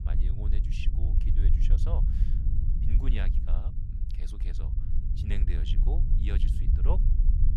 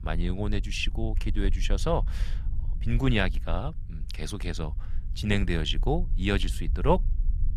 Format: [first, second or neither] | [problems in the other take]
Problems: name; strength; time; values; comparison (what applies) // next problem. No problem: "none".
second | low rumble; loud; throughout; 3 dB below the speech; faint in the second